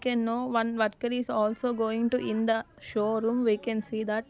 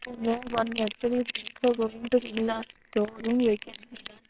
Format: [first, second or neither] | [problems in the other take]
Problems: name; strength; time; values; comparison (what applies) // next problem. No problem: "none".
first | noise reduction (neural separator model SepFormer WHAMR!)